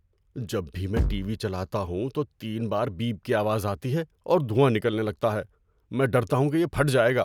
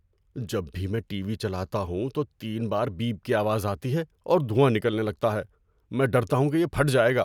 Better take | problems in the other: second | background sound (Bass drum); 3 dB below the speech

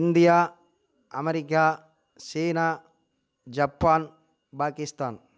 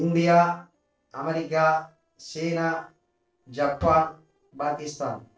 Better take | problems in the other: first | noise reduction (neural separator model SepFormer DNS4)

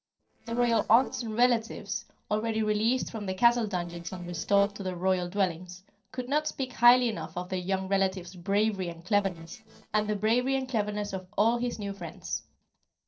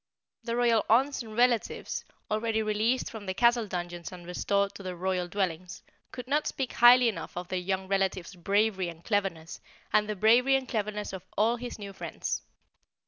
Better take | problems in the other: second | noise reduction (neural separator model SepFormer DNS4)

